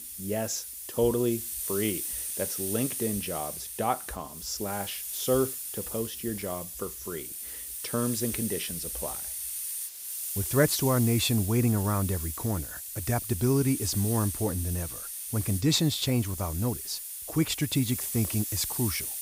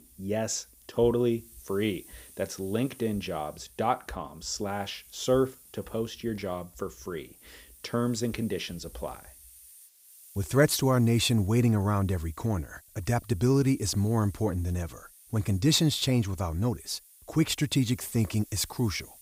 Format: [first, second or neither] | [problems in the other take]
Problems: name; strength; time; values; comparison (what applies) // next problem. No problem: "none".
second | hiss; loud; throughout; 4 dB below the speech; faint in the second